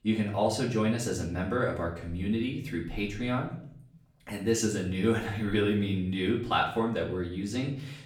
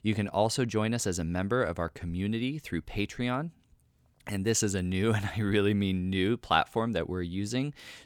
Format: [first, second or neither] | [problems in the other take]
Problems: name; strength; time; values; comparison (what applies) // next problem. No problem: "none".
second | off-mic speech; far // room echo; slight; dies away in 0.6 s